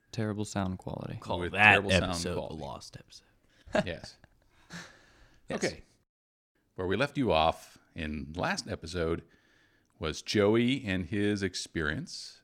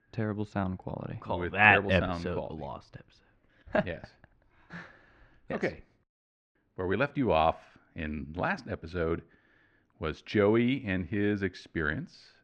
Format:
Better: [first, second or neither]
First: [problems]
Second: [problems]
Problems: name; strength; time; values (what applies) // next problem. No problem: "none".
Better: first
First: none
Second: muffled; very; fading above 2 kHz